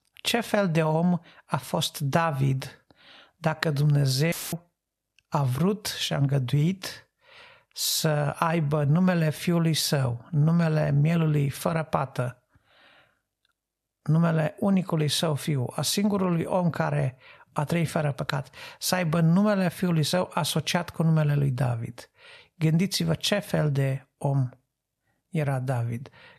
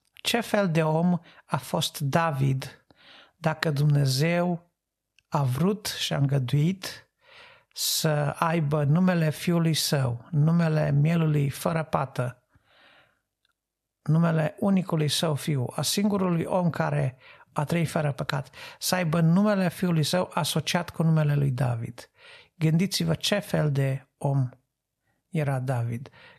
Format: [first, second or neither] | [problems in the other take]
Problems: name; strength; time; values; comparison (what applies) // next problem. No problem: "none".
second | audio cutting out; filled with static; at 4.5 s